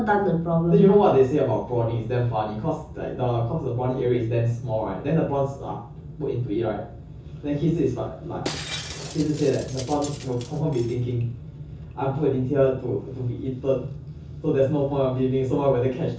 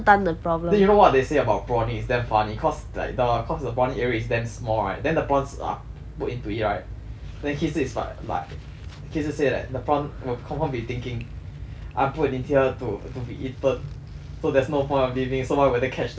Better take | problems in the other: second | background sound (Shatter); 15 dB below the speech // room echo; dies away in 0.6 s

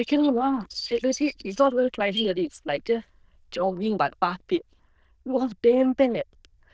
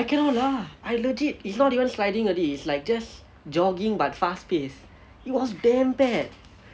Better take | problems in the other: second | noise reduction (neural diffusion model UNIVERSE++)

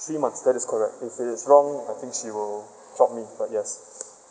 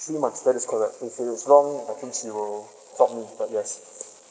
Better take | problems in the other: first | noise reduction (neural mask model Resemble Enhance denoiser)

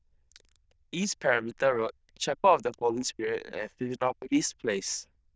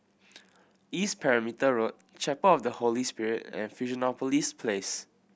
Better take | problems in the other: second | noise reduction (neural diffusion model UNIVERSE++)

